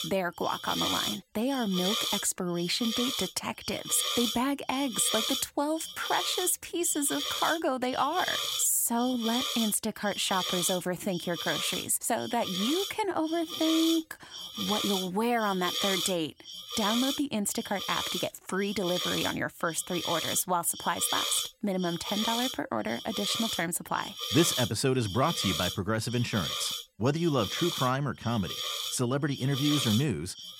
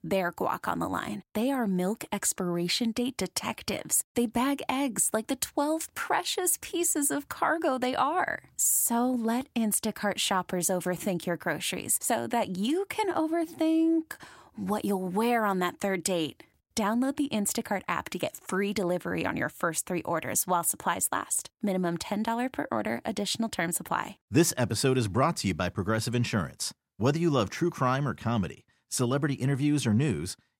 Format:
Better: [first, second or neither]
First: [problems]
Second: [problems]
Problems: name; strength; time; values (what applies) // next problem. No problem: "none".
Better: second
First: hiss; loud; throughout; 3 dB below the speech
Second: none